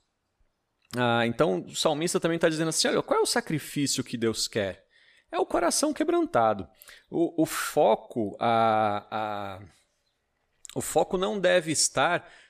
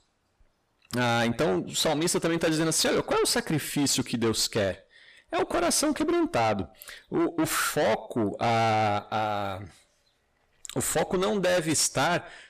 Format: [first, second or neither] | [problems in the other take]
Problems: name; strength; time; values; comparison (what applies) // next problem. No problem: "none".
first | distortion; heavy; 6 dB below the speech